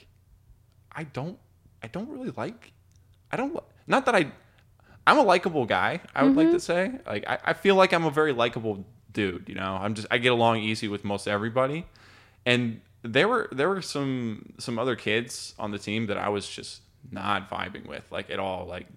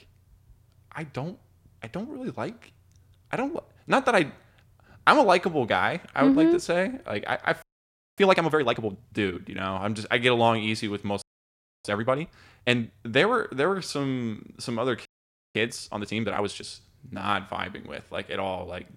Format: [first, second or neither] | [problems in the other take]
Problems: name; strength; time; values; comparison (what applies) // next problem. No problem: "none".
first | audio freezing; at 7.5 s for 0.5 s, at 11 s for 0.5 s and at 15 s for 0.5 s